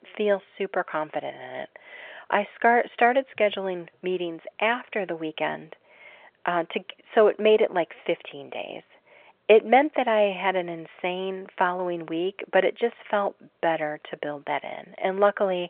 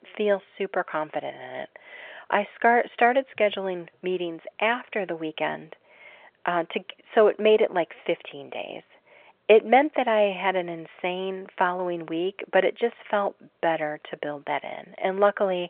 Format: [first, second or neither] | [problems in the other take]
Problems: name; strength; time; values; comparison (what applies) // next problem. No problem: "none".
neither | phone-call audio; nothing above 3.5 kHz; the same in both